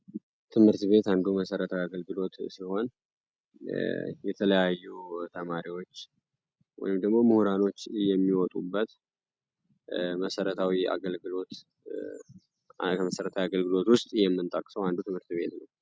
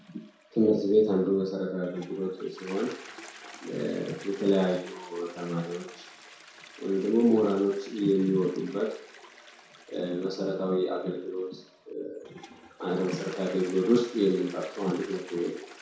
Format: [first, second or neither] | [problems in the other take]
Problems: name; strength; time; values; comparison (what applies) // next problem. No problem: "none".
first | background sound (Toilet flush); 20 dB below the speech // room echo; dies away in 0.6 s